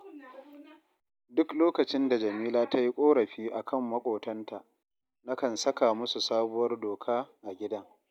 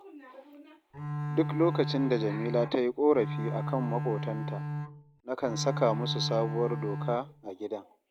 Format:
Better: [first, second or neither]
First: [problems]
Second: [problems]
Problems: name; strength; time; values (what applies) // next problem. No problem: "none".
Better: first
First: none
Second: background sound (Bowed string instrument); 3 dB below the speech